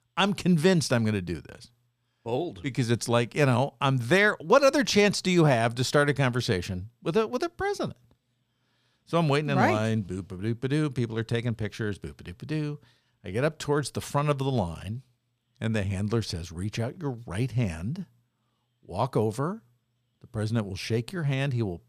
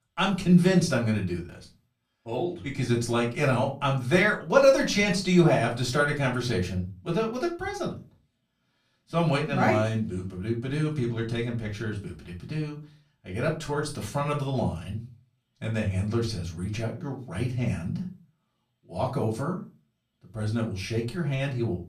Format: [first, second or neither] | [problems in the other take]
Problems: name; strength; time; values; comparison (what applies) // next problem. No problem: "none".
first | off-mic speech; far // room echo; very slight; dies away in 0.3 s